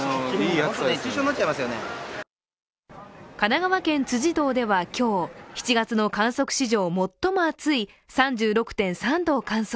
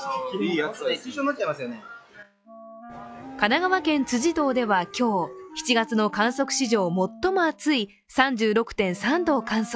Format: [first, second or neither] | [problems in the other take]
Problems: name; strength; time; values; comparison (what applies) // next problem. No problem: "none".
first | noise reduction (classical method log-MMSE)